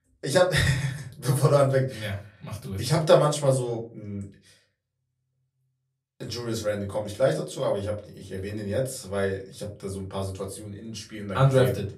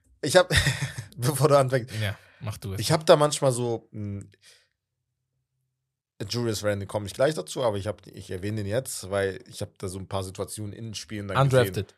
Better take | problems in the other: second | off-mic speech; far // room echo; very slight; dies away in 0.3 s

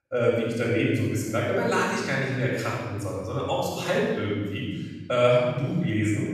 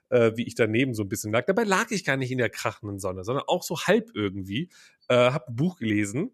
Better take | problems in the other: second | off-mic speech; far // room echo; strong; dies away in 1.4 s

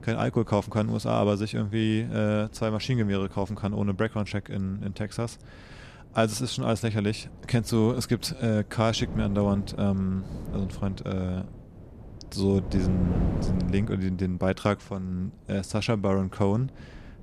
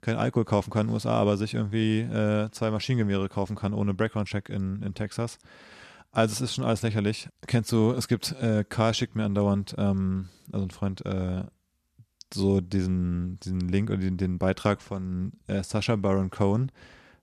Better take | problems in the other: second | wind noise on the microphone; occasional gusts; 15 dB below the speech

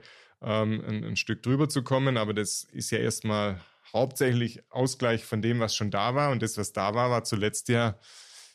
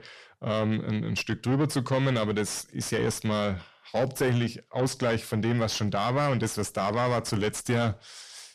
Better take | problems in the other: first | distortion; slight; 10 dB below the speech

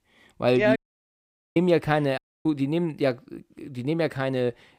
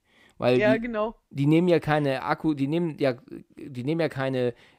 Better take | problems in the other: second | audio cutting out; at 1 s for 1 s and at 2 s

